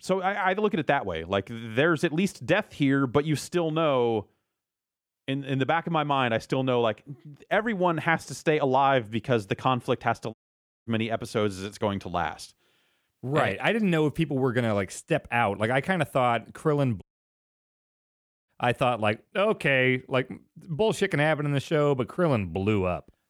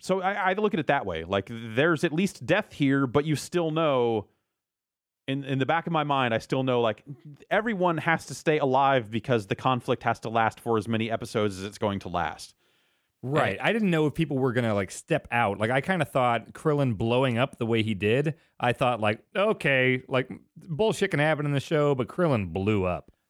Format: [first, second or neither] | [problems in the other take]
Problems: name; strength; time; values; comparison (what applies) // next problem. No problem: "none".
second | audio cutting out; at 10 s for 0.5 s and at 17 s for 1.5 s